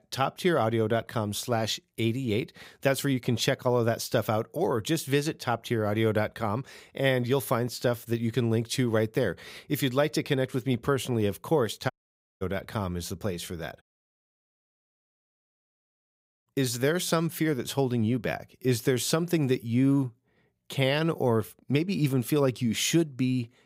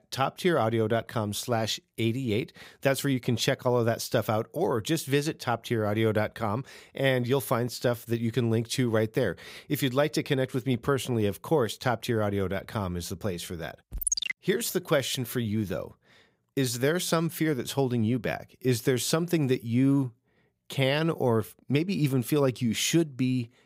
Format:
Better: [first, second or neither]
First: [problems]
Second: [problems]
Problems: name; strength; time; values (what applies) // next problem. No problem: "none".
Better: second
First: audio cutting out; at 12 s for 0.5 s and at 14 s for 2.5 s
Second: none